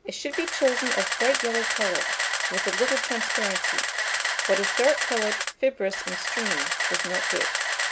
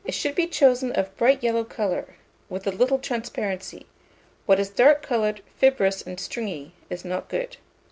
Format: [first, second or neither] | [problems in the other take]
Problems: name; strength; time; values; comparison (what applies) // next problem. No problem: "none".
second | background sound (Camera); 2 dB above the speech